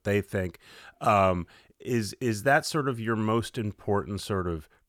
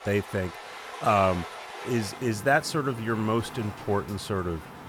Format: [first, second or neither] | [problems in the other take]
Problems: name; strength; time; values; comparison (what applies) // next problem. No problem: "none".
first | rain or running water; noticeable; throughout; 15 dB below the speech